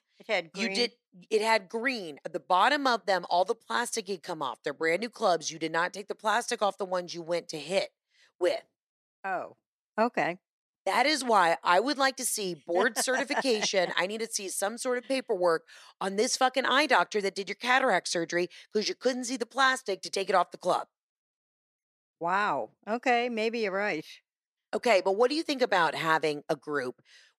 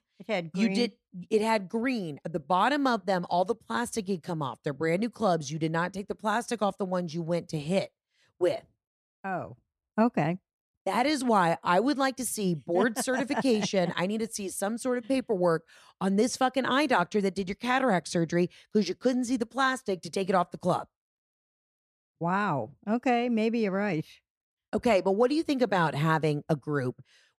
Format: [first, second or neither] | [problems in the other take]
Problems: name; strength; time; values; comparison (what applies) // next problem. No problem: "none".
second | thin; somewhat; fading below 400 Hz